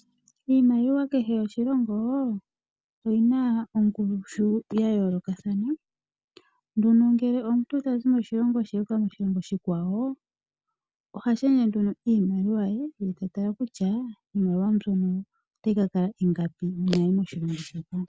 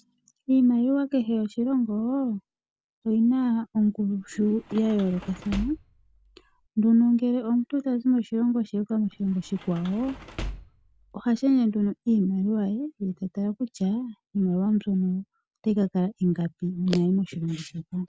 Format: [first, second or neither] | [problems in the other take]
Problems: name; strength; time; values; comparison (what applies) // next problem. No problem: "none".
first | background sound (Sliding door / Slam); 15 dB below the speech